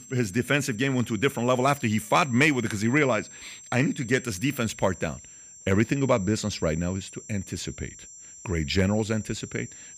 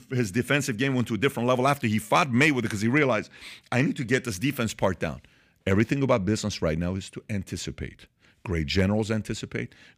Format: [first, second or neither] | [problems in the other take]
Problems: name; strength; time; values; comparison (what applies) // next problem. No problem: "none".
second | high-pitched whine; noticeable; throughout; 7.5 kHz, 15 dB below the speech